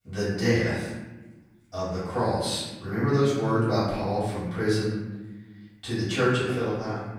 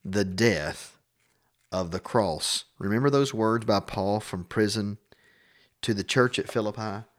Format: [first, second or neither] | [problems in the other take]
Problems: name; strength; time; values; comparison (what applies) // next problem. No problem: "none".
second | off-mic speech; far // room echo; noticeable; dies away in 1.1 s